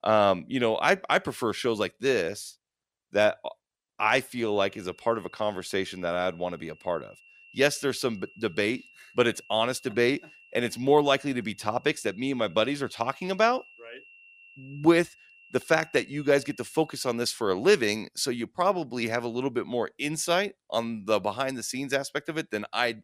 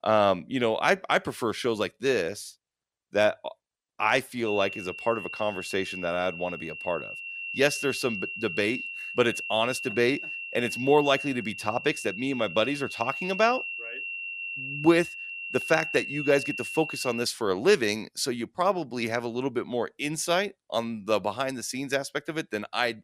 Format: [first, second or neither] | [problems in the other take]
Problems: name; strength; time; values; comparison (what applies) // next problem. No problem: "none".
first | high-pitched whine; loud; from 4.5 to 17 s; 2.5 kHz, 7 dB below the speech; faint in the first